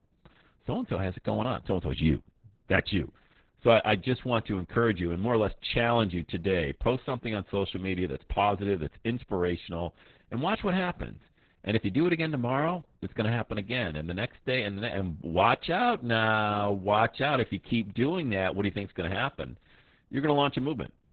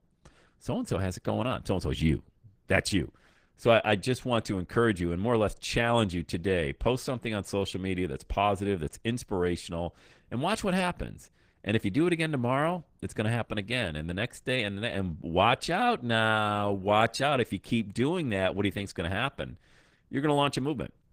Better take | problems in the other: second | garbled, watery; badly; nothing above 4 kHz; slightly in the second

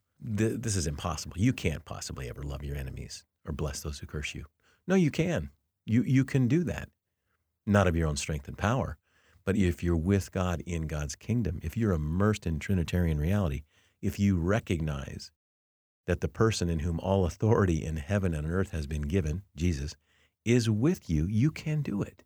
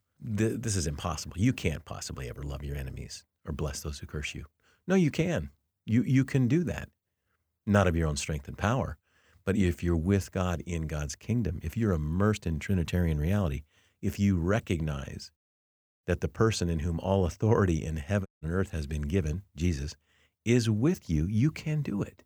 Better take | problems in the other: first | audio cutting out; at 18 s

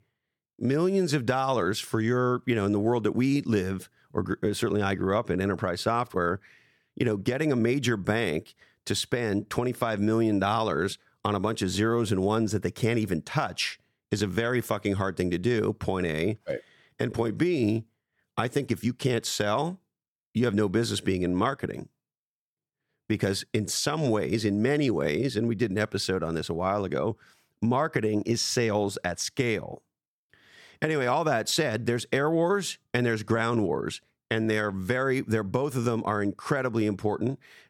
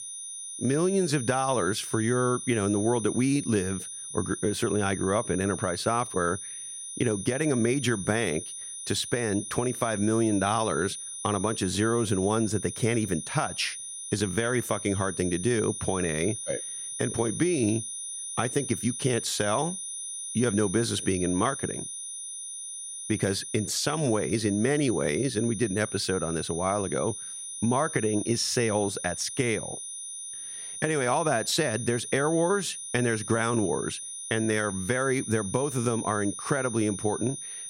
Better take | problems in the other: first | high-pitched whine; loud; throughout; 9.5 kHz, 7 dB below the speech

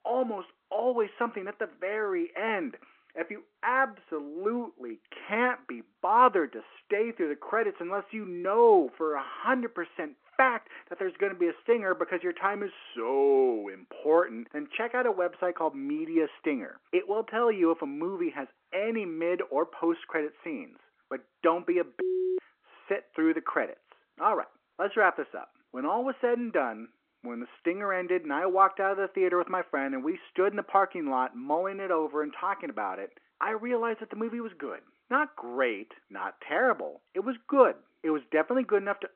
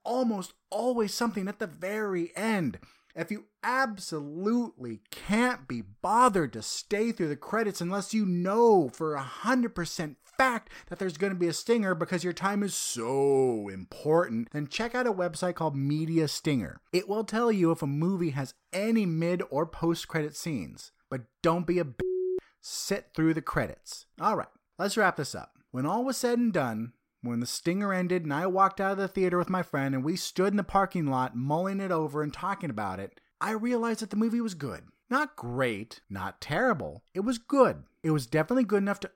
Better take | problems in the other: second | phone-call audio

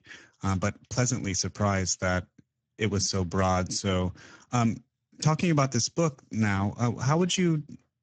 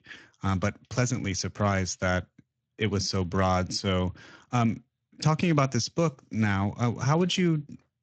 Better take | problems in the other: second | garbled, watery; badly; slightly in the second

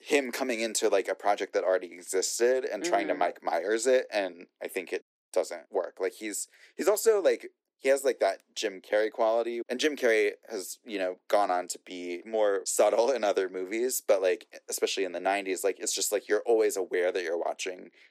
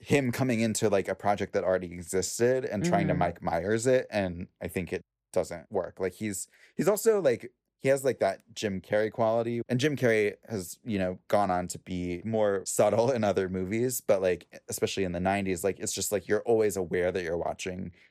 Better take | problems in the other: second | thin; somewhat; fading below 300 Hz

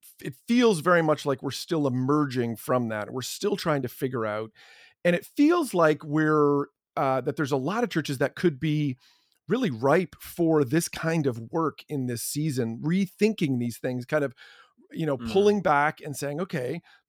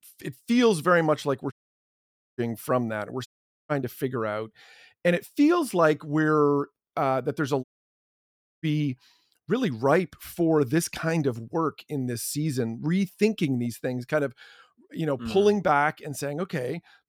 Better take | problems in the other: first | audio cutting out; at 1.5 s for 1 s, at 3.5 s and at 7.5 s for 1 s

